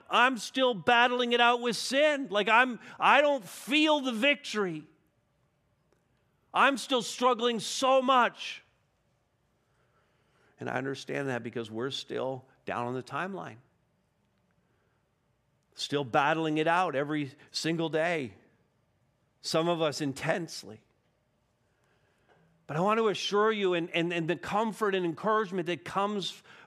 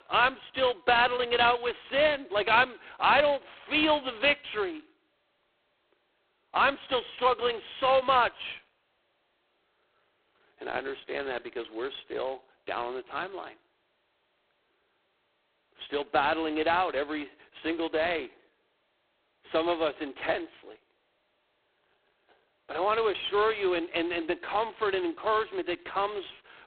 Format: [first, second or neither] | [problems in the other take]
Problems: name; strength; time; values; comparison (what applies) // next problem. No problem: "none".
first | phone-call audio; poor line; nothing above 4 kHz